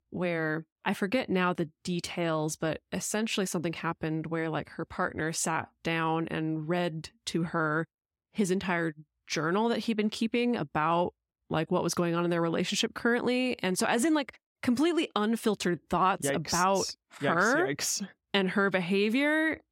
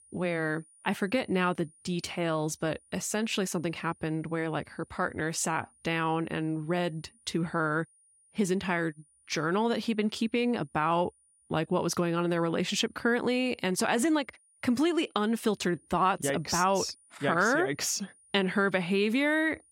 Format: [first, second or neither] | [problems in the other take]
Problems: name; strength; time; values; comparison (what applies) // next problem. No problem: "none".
first | high-pitched whine; faint; throughout; 9.5 kHz, 30 dB below the speech